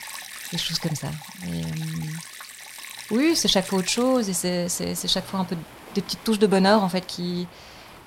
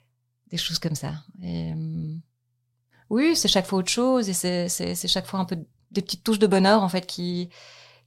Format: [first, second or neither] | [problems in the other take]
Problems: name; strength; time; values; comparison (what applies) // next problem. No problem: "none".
second | rain or running water; noticeable; throughout; 15 dB below the speech